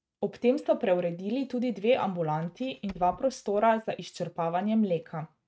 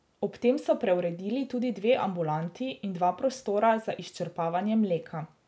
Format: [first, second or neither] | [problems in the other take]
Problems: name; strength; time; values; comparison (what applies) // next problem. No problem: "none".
second | noise reduction (neural mask model RNNoise)